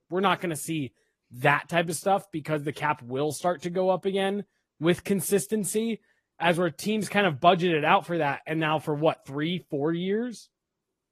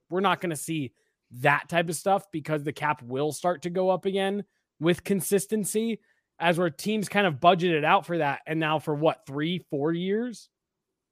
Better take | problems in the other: second | garbled, watery; slightly; nothing above 15 kHz

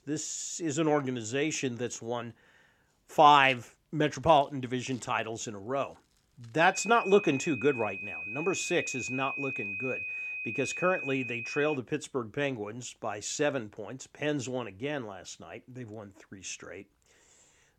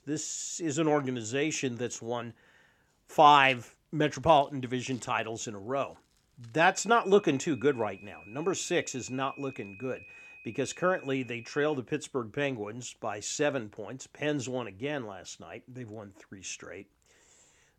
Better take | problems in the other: second | high-pitched whine; loud; from 6.5 to 12 s; 2.5 kHz, 6 dB below the speech; faint in the second

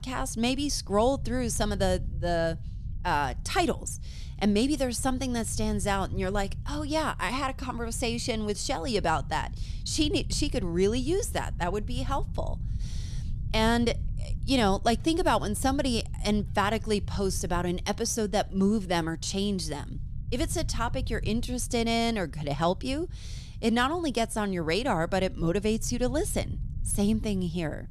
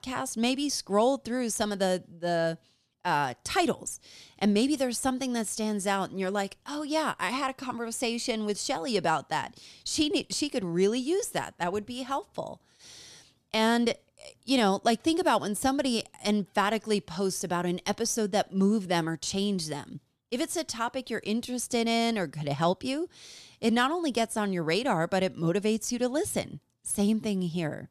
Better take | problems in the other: second | low rumble; faint; throughout; 25 dB below the speech

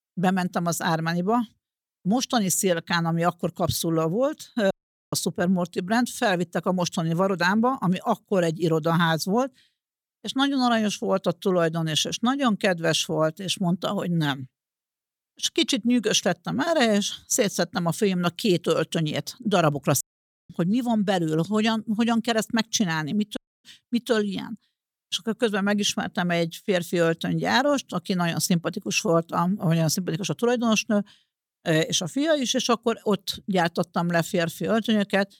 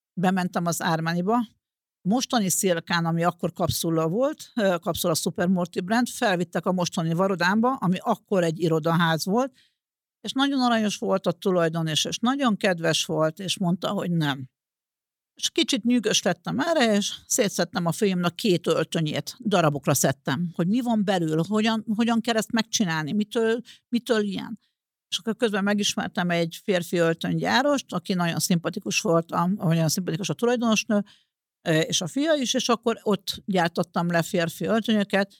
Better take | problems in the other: second | audio cutting out; at 4.5 s, at 20 s and at 23 s

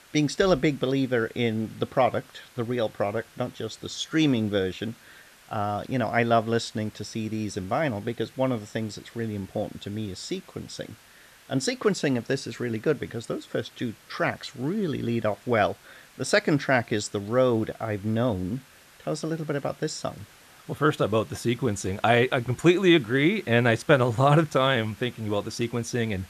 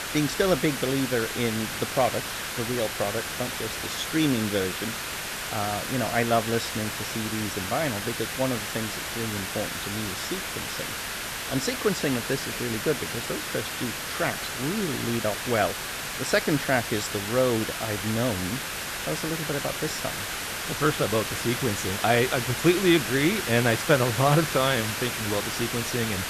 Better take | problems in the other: first | hiss; loud; throughout; 3 dB below the speech; faint in the first

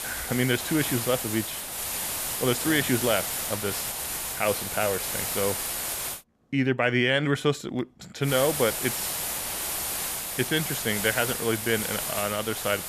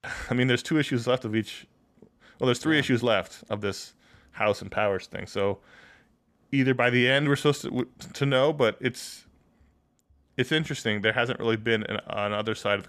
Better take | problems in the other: second | hiss; loud; until 6 s and from 8.5 s on; 2 dB below the speech

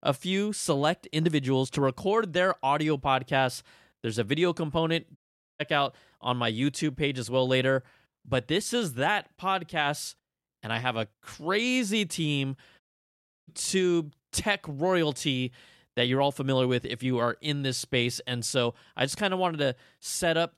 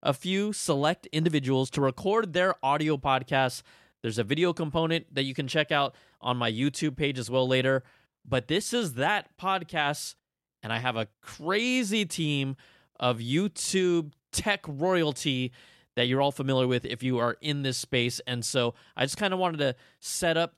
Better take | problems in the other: second | audio cutting out; at 5 s and at 13 s for 0.5 s

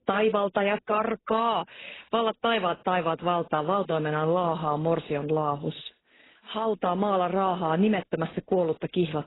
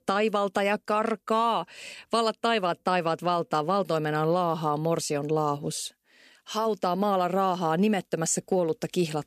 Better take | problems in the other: second | garbled, watery; badly; nothing above 4 kHz

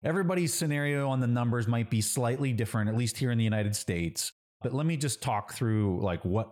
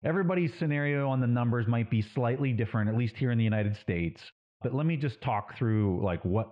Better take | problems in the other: first | muffled; very; fading above 3 kHz

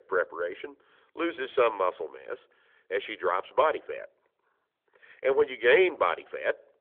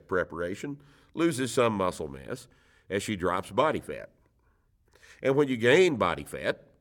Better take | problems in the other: second | phone-call audio; nothing above 3.5 kHz

